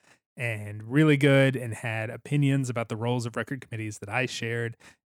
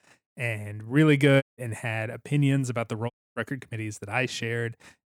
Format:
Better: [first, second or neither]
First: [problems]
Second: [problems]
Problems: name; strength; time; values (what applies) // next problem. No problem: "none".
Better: first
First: none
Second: audio cutting out; at 1.5 s and at 3 s